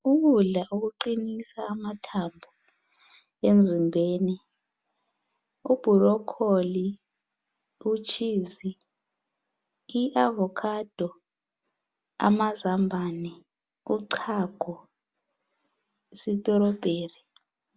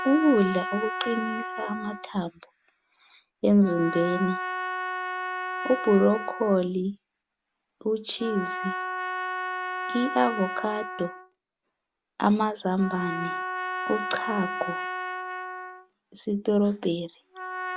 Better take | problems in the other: first | background sound (Trumpet); 6 dB below the speech

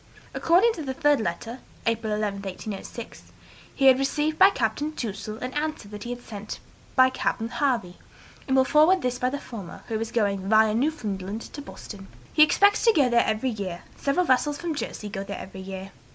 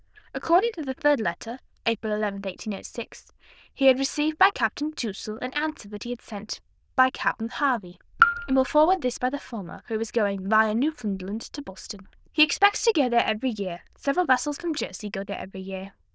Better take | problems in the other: first | noise reduction (neural diffusion model UNIVERSE++)

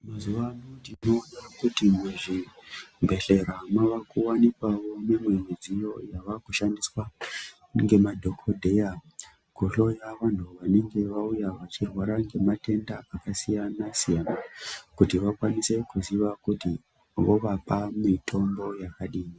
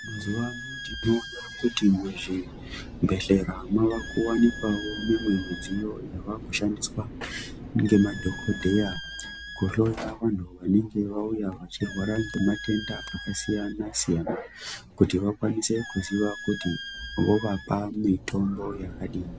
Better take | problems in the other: first | background sound (Squeak + Mechanical fan); 12 dB below the speech

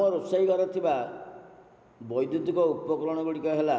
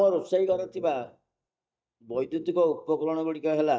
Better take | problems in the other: first | noise reduction (neural mask model DeepFilterNet 3)

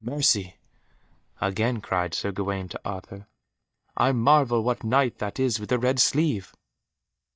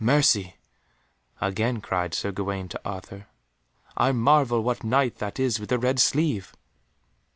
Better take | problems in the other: second | noise reduction (neural mask model DeepFilterNet 3)

